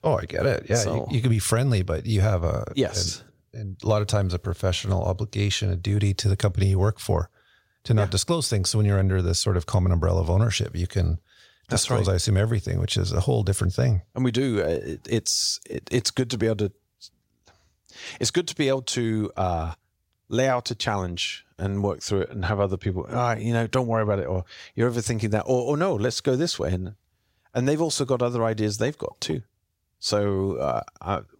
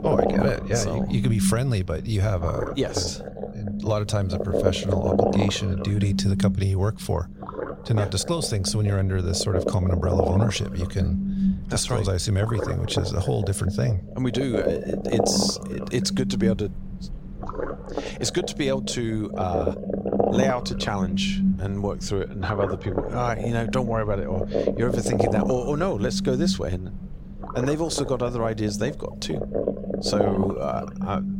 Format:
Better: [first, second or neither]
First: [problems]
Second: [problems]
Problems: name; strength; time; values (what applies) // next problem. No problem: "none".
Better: first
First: none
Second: low rumble; loud; throughout; 2 dB below the speech